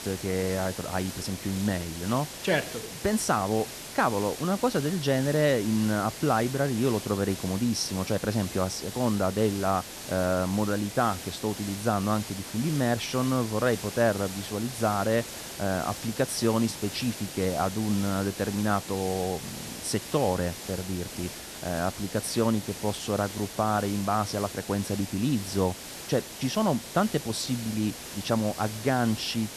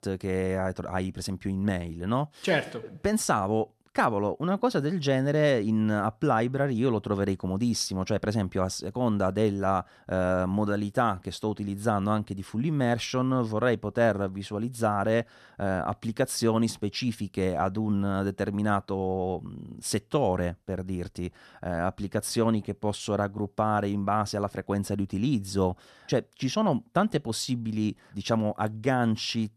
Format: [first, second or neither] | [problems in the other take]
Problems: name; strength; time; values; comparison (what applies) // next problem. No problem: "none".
second | hiss; loud; throughout; 9 dB below the speech